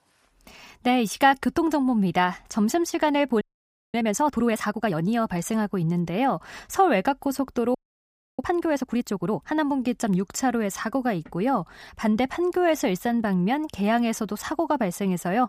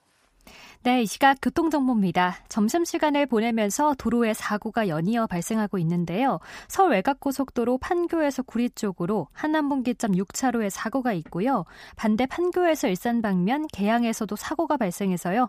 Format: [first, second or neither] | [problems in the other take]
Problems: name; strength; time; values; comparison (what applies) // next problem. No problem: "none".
second | audio freezing; at 3.5 s for 0.5 s and at 8 s for 0.5 s